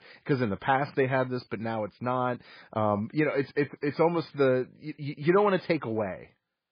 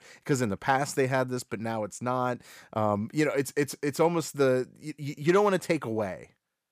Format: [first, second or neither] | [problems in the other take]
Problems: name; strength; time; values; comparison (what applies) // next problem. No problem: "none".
second | garbled, watery; badly; nothing above 5 kHz